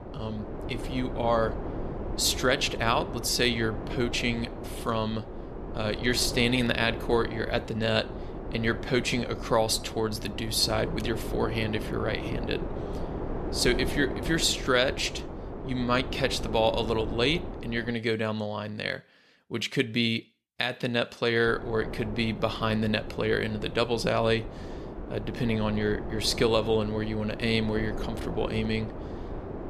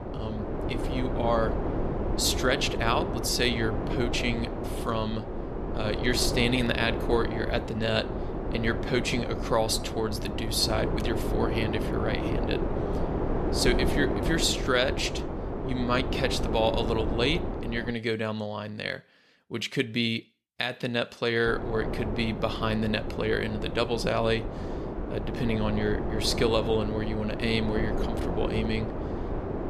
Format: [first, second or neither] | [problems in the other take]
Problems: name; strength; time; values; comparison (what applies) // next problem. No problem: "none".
first | wind noise on the microphone; heavy; until 18 s and from 21 s on; 6 dB below the speech; occasional gusts in the first